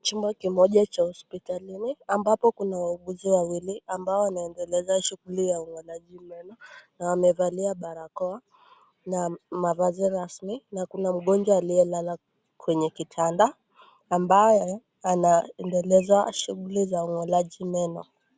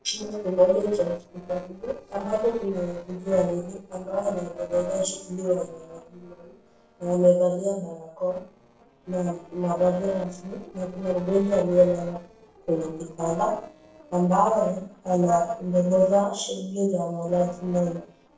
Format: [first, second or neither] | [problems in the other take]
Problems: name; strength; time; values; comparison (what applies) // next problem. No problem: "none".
first | noise reduction (neural separator model SepFormer DNS4)